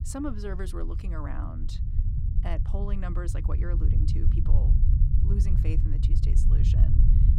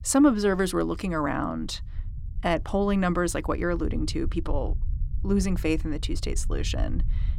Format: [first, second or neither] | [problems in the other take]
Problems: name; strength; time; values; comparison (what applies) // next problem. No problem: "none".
second | low rumble; loud; throughout; 2 dB below the speech; faint in the second